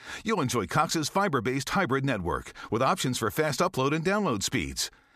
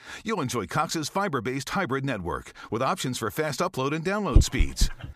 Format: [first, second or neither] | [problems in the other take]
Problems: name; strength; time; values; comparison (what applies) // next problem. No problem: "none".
first | dog barking; loud; at 4.5 s; peak 4 dB above the speech